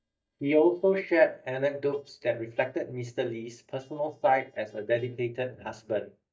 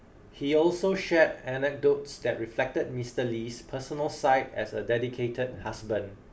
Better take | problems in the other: second | noise reduction (neural mask model DeepFilterNet 3)

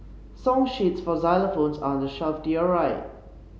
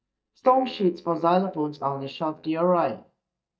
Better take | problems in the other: first | noise reduction (neural mask model DeepFilterNet 3)

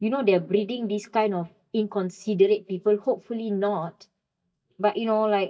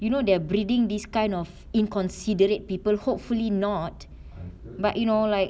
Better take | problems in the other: second | noise reduction (neural mask model DeepFilterNet 3)

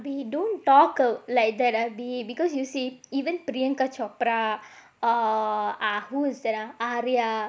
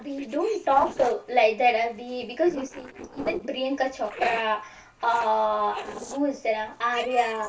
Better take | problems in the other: first | noise reduction (neural separator model SepFormer DNS4)

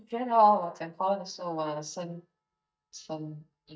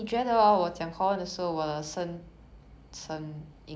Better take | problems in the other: second | noise reduction (neural mask model DeepFilterNet 3)

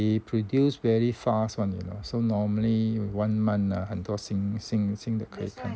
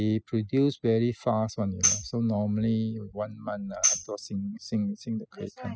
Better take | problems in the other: first | noise reduction (classical method spectral subtraction)

